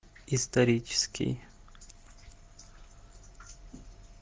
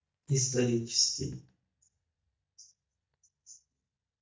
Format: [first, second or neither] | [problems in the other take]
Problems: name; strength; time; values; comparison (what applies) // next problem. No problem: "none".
first | noise reduction (neural mask model DeepFilterNet 3)